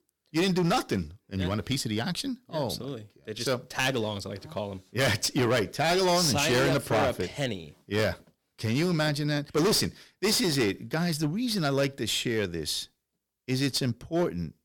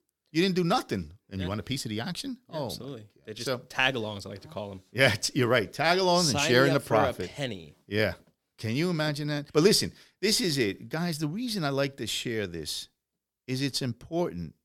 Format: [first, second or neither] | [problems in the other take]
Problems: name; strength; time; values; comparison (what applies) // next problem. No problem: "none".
second | distortion; heavy; 9% of the sound clipped